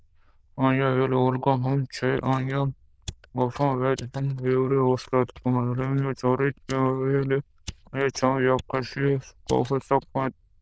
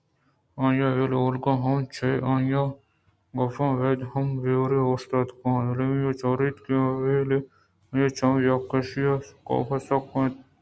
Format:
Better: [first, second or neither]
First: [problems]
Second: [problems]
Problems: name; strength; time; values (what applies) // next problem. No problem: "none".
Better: second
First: noise reduction (neural diffusion model UNIVERSE++)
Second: none